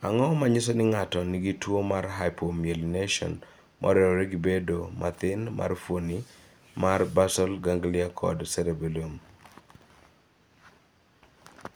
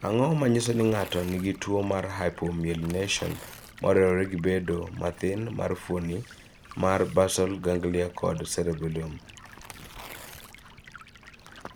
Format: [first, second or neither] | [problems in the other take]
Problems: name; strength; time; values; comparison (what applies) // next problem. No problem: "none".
first | background sound (Stream + Tearing); 19 dB below the speech